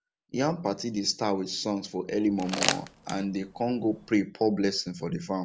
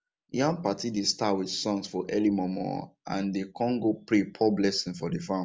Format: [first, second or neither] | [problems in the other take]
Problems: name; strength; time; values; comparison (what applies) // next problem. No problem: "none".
second | background sound (Crumpling, crinkling); 6 dB below the speech